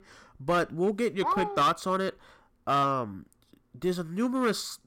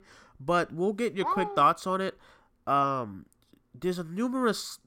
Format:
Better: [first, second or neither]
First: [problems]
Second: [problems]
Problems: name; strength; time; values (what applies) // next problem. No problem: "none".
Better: second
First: distortion; slight; 4% of the sound clipped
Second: none